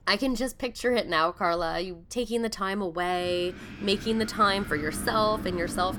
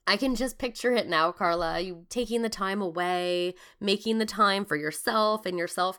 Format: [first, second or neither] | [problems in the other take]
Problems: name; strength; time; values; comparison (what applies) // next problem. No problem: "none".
second | wind in the background; noticeable; throughout; 10 dB below the speech